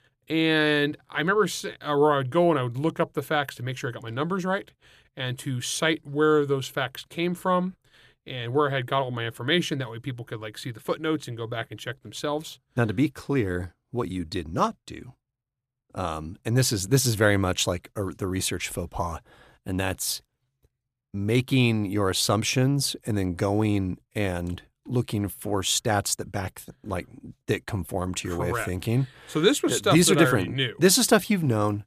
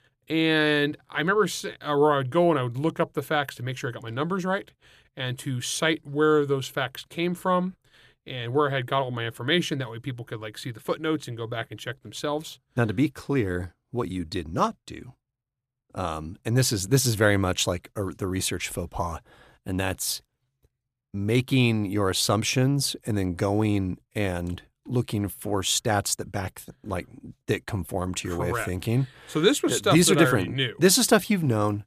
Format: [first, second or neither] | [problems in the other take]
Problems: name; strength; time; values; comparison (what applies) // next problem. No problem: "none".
neither | none